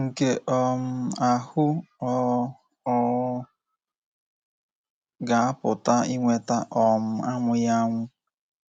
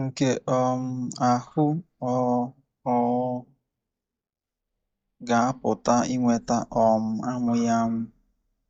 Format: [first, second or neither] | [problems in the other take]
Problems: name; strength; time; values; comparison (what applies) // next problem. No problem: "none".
first | noise reduction (neural mask model DeepFilterNet 3)